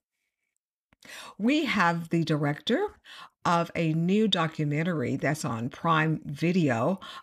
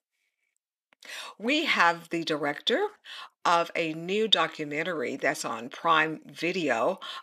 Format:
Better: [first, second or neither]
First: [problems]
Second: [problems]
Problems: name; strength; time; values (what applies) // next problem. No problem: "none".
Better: first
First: none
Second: thin; somewhat; fading below 450 Hz